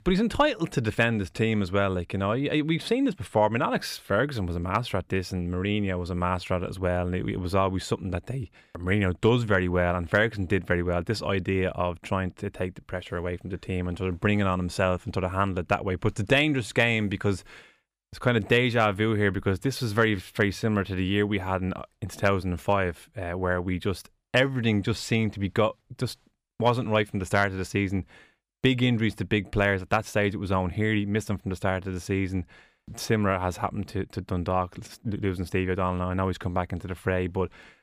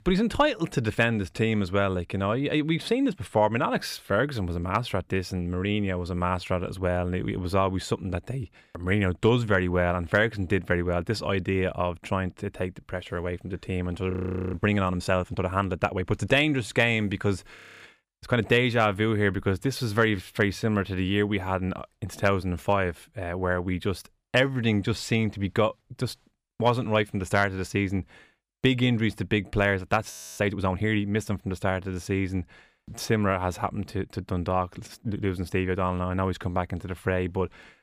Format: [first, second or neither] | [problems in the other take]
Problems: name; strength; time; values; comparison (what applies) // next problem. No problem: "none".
first | audio freezing; at 14 s, at 18 s and at 30 s